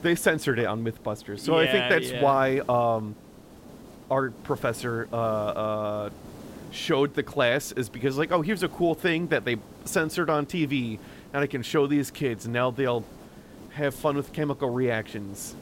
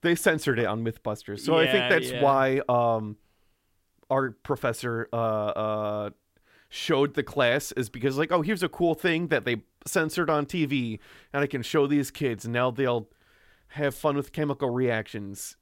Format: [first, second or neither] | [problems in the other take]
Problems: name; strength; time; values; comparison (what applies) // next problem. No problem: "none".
second | hiss; faint; throughout; 20 dB below the speech